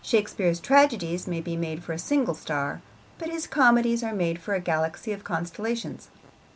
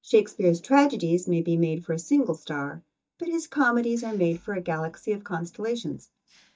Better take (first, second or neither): first